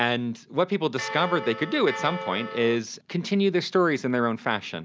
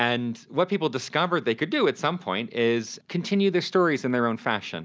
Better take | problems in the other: second | background sound (Bell); 9 dB below the speech

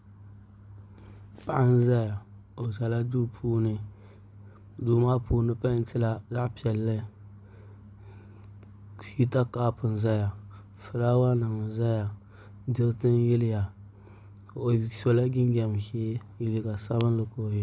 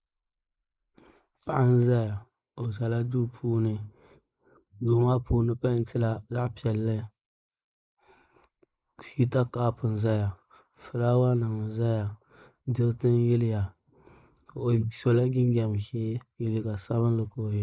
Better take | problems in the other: first | noise reduction (neural mask model Resemble Enhance denoiser)

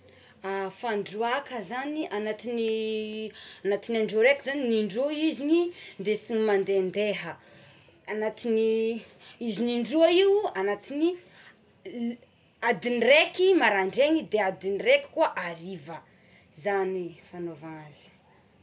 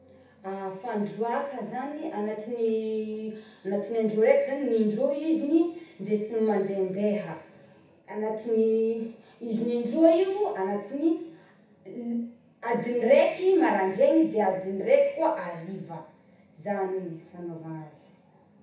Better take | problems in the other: first | room echo; dies away in 0.7 s

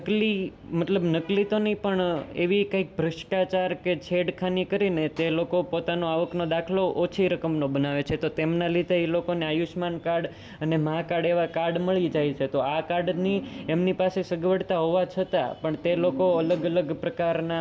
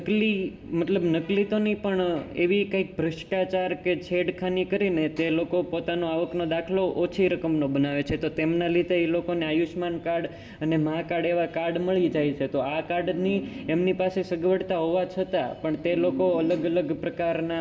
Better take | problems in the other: first | room echo; dies away in 2.1 s

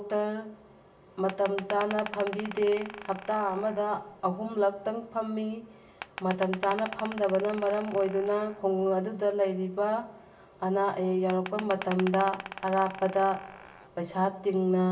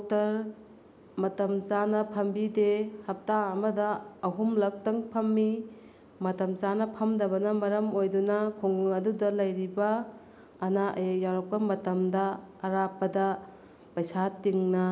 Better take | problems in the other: second | background sound (Glass); 13 dB below the speech // room echo; dies away in 0.1 s

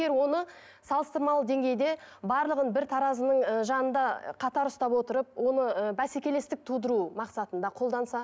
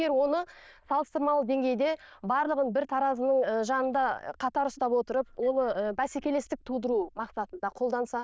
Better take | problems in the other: first | noise reduction (neural diffusion model UNIVERSE++)

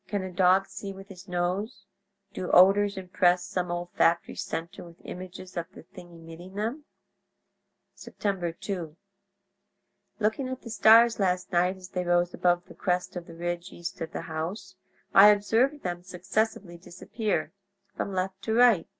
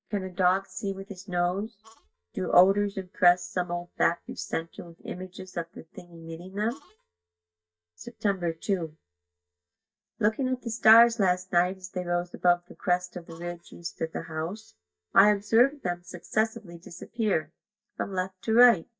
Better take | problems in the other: first | noise reduction (neural mask model DeepFilterNet 3)

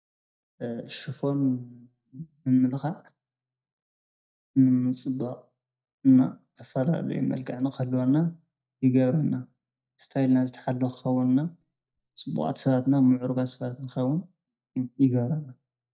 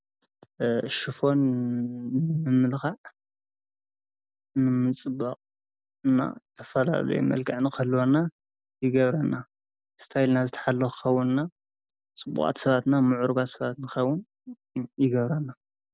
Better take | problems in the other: second | noise reduction (neural mask model DeepFilterNet 3)

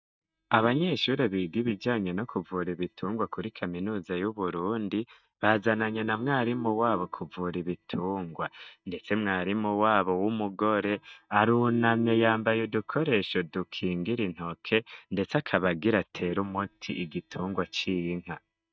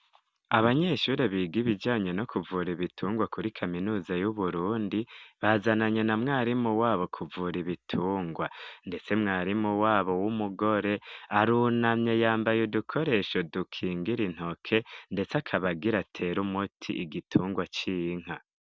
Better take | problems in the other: second | noise reduction (neural mask model DeepFilterNet 3)

